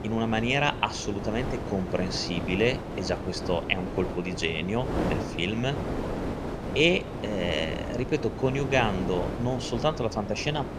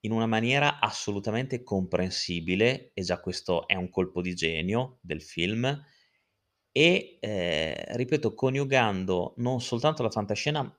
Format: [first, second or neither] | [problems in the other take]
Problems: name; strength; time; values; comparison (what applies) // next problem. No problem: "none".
second | wind noise on the microphone; heavy; 8 dB below the speech